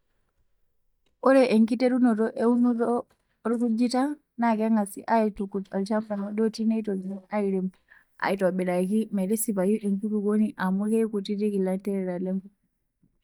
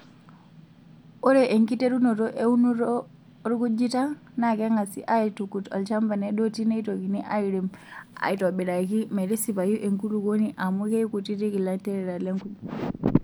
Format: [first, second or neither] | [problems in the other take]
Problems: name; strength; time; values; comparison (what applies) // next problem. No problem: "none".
second | noise reduction (neural mask model DeepFilterNet 3)